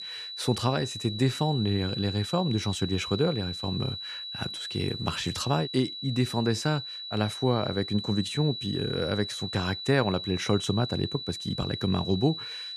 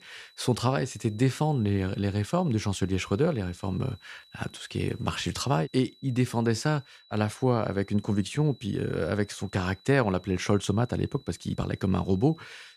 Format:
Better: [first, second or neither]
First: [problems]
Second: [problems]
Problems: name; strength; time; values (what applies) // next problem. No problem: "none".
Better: second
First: high-pitched whine; loud; throughout; 4 kHz, 6 dB below the speech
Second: high-pitched whine; faint; throughout; 4 kHz, 25 dB below the speech